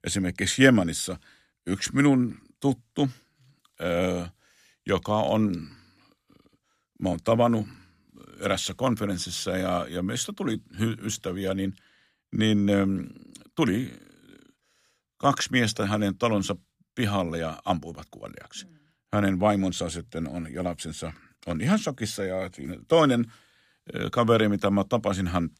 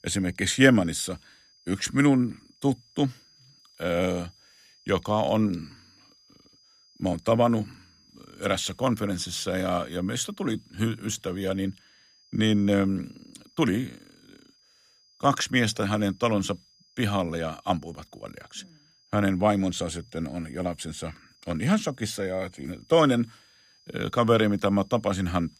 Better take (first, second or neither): first